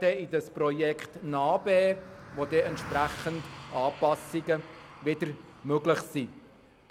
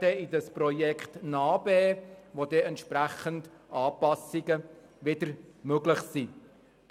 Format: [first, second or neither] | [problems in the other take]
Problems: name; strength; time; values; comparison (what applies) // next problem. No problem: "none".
second | background sound (Car passing by); 17 dB below the speech